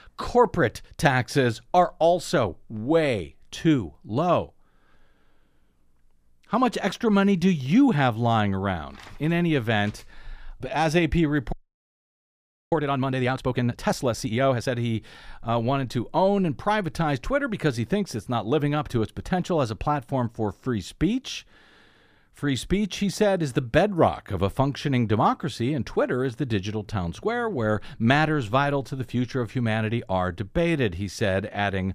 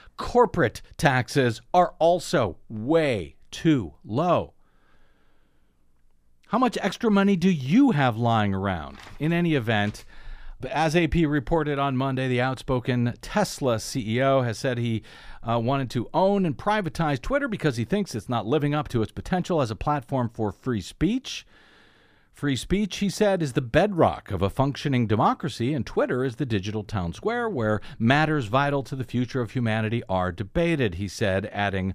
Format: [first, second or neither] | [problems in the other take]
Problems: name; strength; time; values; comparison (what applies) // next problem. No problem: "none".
second | audio freezing; at 12 s for 1 s